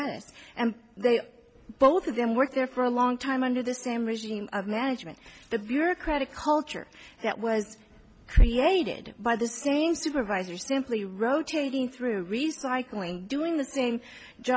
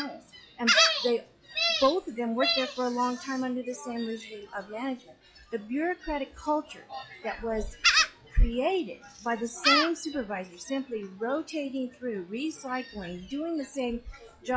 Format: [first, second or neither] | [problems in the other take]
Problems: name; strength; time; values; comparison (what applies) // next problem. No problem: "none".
first | noise reduction (classical method log-MMSE)